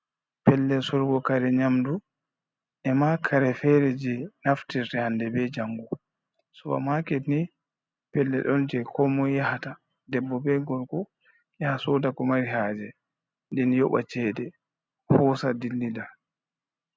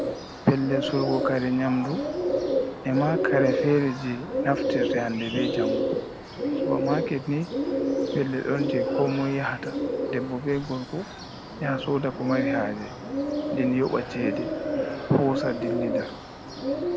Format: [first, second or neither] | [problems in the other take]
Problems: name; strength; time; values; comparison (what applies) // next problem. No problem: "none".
first | background sound (Bird); 1 dB below the speech